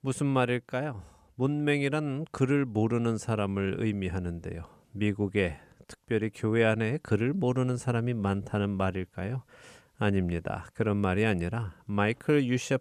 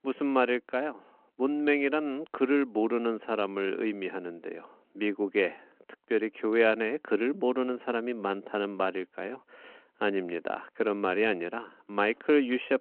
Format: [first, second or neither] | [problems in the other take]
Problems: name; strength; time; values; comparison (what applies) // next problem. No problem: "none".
first | phone-call audio